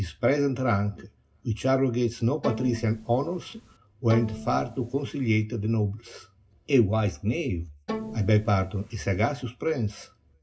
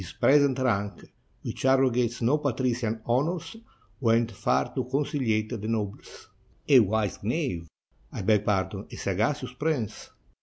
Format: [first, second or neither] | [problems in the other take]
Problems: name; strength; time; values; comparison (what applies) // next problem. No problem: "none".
second | background sound (Bowed string instrument); 11 dB below the speech // room echo; dies away in 0.4 s